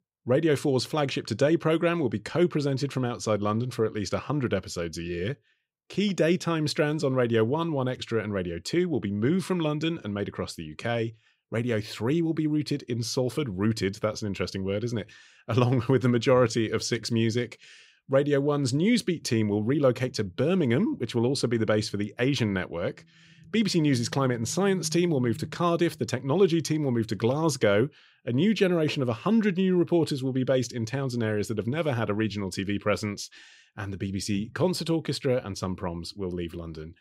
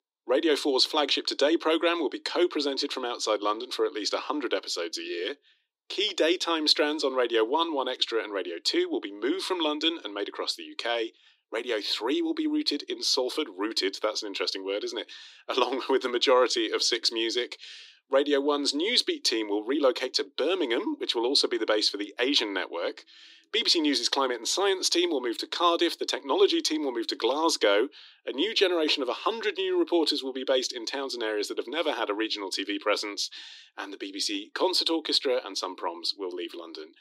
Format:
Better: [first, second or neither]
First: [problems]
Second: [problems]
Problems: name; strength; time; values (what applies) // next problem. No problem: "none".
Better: first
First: none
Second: thin; somewhat; fading below 300 Hz